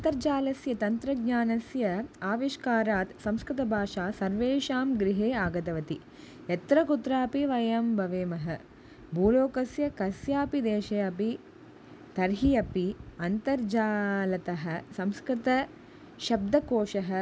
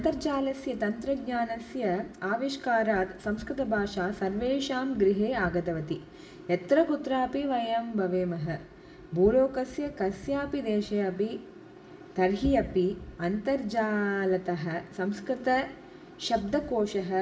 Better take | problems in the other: first | room echo; dies away in 1.4 s

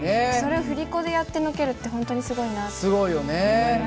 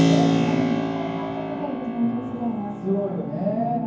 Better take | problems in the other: first | background sound (Keyboard (musical)); 1 dB above the speech // room echo; dies away in 0.9 s

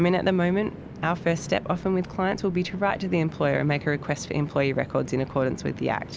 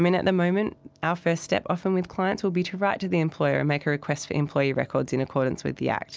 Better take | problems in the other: second | background sound (Train); 14 dB below the speech

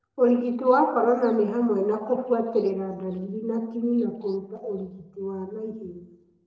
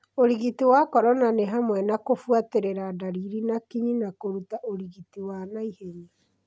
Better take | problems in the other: second | noise reduction (neural separator model SepFormer DNS4)

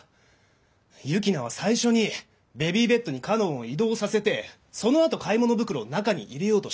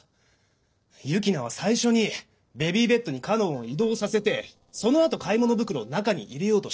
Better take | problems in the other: first | noise reduction (neural separator model SepFormer DNS4)

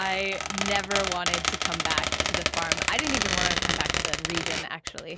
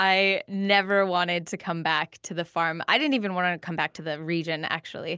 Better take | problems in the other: second | background sound (Squeak); 4 dB above the speech

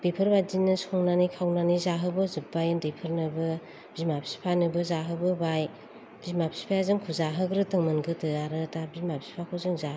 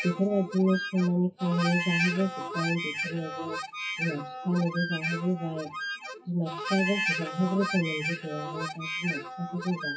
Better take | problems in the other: first | noise reduction (classical method WPE with log-MMSE)

